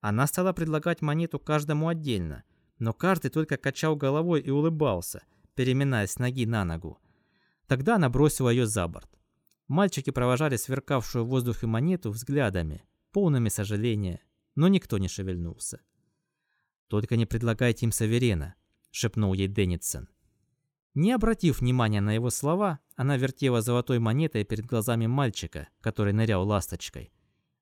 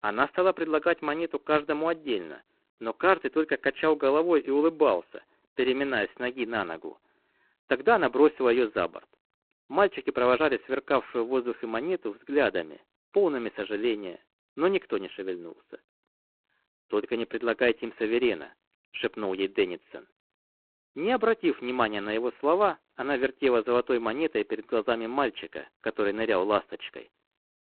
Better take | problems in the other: first | phone-call audio; poor line; nothing above 4 kHz

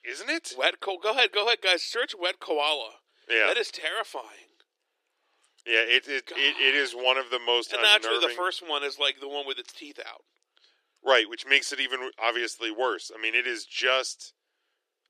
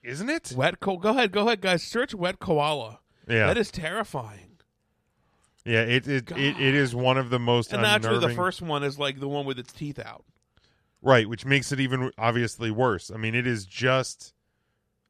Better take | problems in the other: second | thin; very; fading below 300 Hz

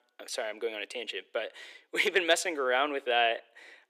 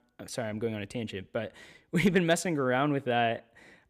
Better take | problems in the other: second | thin; very; fading below 350 Hz

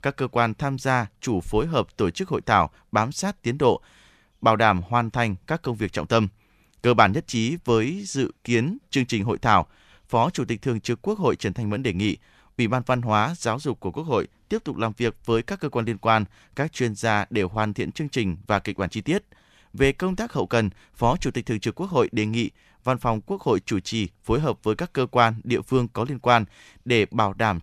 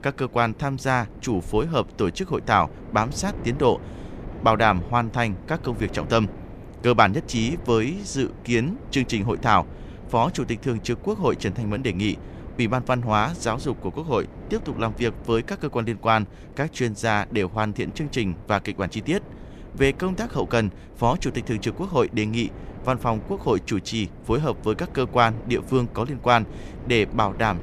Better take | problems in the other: first | wind noise on the microphone; occasional gusts; 20 dB below the speech

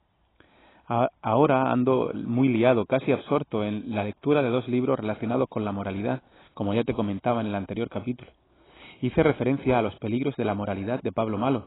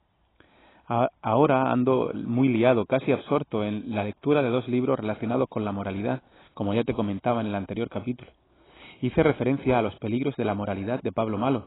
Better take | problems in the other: neither | garbled, watery; badly; nothing above 4 kHz; the same in both

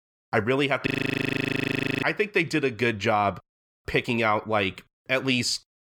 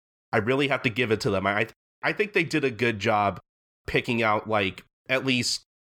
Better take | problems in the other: second | audio freezing; at 1 s for 1 s

